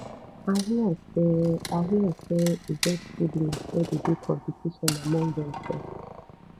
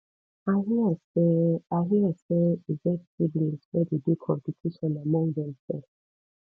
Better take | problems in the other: second | background sound (Purr + Wood); 11 dB below the speech

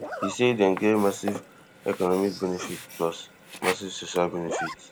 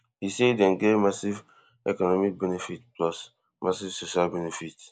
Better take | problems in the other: second | background sound (Zipper (clothing) + Sink (filling or washing)); 10 dB below the speech

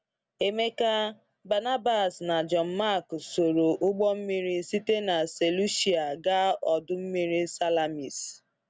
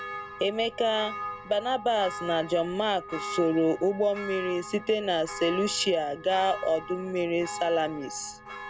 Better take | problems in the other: first | background sound (Church bell); 12 dB below the speech

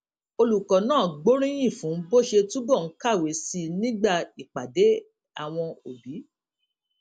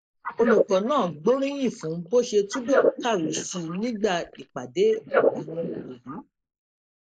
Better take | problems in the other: first | noise reduction (neural mask model Resemble Enhance denoiser)

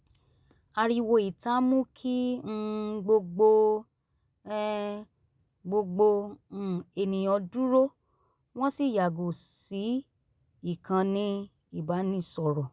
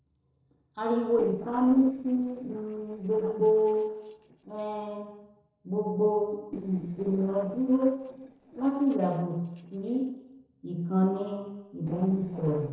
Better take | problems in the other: first | noise reduction (neural separator model SepFormer DNS4)

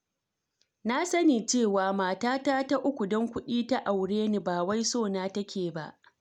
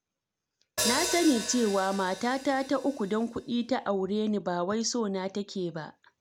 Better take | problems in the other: first | background sound (Hi-hat); 7 dB below the speech

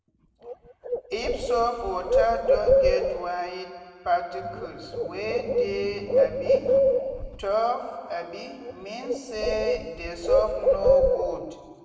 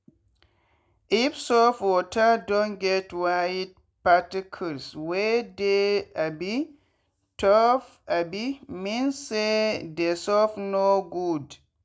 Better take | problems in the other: second | background sound (Bird); 5 dB above the speech // room echo; dies away in 2 s

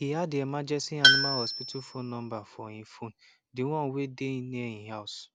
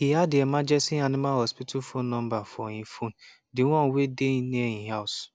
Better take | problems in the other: second | background sound (Tools); 5 dB above the speech

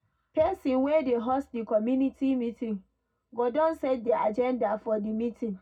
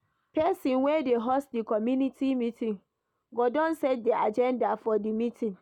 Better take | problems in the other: second | room echo; dies away in 0.4 s

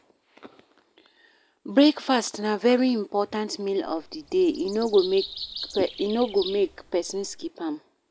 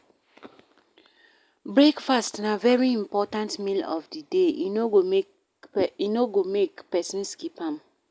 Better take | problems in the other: second | background sound (Bird vocalization, bird call, bird song); 14 dB below the speech

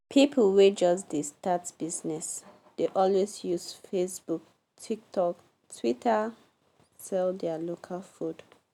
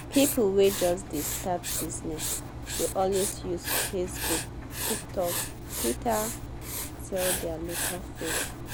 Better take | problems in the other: first | background sound (Engine + Writing); 3 dB below the speech

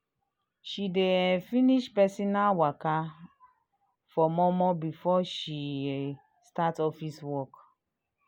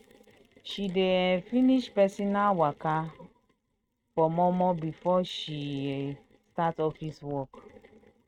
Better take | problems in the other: first | noise reduction (neural mask model RNNoise)

